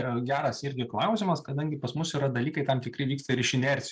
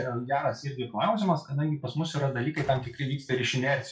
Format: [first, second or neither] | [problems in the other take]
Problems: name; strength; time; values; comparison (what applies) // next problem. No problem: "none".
first | noise reduction (classical method WPE with log-MMSE)